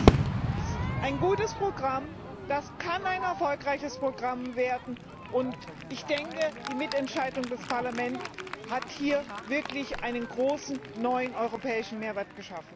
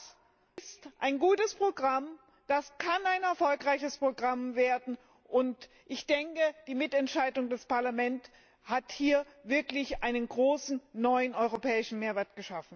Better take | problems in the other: second | background sound (Crowd / Fireworks); 2 dB below the speech

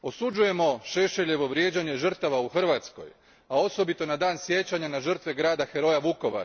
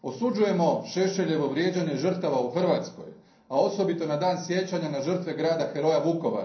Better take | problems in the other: first | room echo; dies away in 0.6 s

